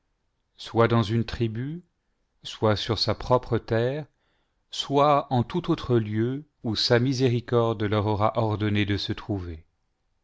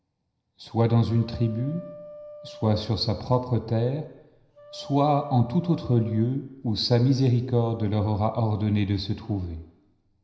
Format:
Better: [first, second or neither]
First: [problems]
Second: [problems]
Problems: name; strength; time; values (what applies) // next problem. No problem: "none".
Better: first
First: none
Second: background sound (Wind instrument, woodwind instrument); 20 dB below the speech // room echo; dies away in 0.9 s